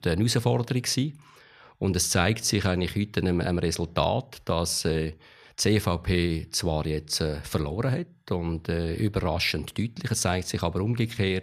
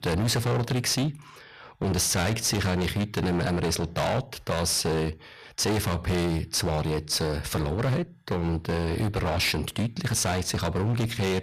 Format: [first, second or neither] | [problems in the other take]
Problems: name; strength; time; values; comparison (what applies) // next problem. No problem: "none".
first | distortion; heavy; 25% of the sound clipped